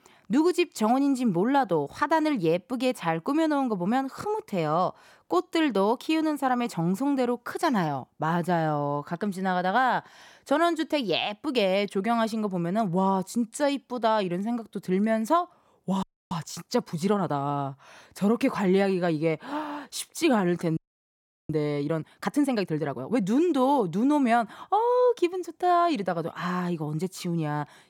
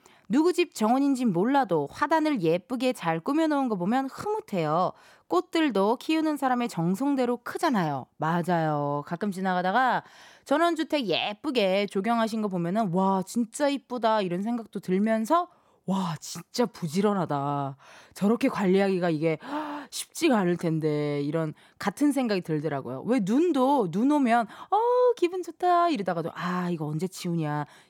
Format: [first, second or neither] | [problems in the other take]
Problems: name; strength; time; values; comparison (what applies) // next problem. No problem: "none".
second | audio freezing; at 16 s and at 21 s for 0.5 s